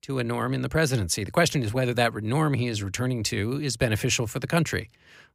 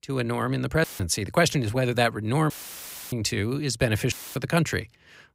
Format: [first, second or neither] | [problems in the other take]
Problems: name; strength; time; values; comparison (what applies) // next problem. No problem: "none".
first | audio cutting out; filled with static; at 1 s, at 2.5 s for 0.5 s and at 4 s